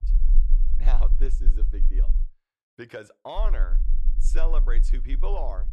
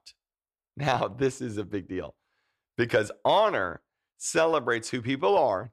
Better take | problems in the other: second | low rumble; noticeable; until 2 s and from 3.5 s on; 15 dB below the speech

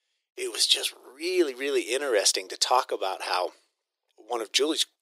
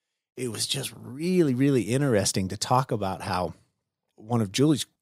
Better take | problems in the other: second | thin; very; fading below 350 Hz

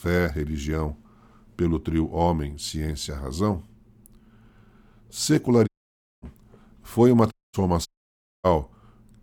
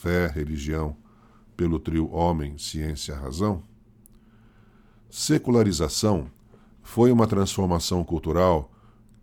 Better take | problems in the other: second | audio cutting out; at 5.5 s for 0.5 s, at 7.5 s and at 8 s for 0.5 s

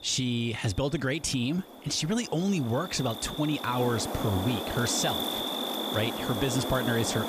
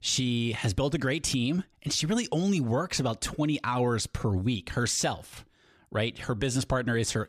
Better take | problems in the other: second | animal sounds; loud; throughout; 3 dB below the speech

